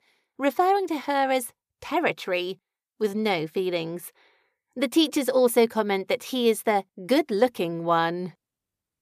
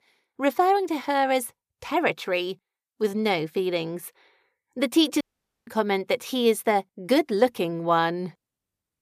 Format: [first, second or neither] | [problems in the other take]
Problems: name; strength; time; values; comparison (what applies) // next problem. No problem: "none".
first | audio cutting out; at 5 s